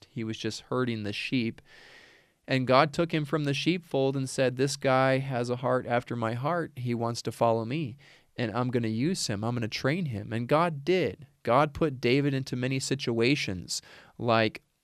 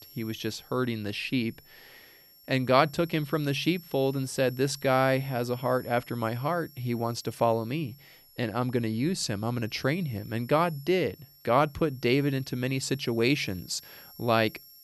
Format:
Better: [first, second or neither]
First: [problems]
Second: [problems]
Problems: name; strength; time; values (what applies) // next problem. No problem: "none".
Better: first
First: none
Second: high-pitched whine; faint; throughout; 11.5 kHz, 20 dB below the speech